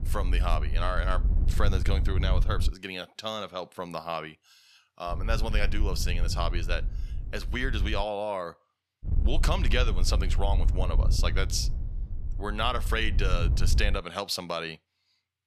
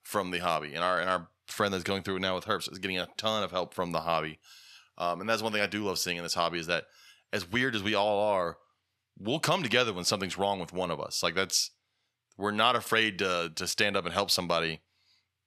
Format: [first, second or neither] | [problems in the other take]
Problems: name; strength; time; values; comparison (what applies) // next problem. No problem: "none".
second | wind noise on the microphone; occasional gusts; until 2.5 s, from 5 to 8 s and from 9 to 14 s; 15 dB below the speech